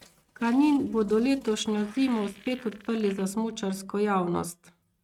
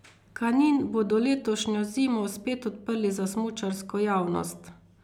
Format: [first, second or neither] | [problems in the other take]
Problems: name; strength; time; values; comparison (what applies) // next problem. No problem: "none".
second | noise reduction (neural mask model RNNoise)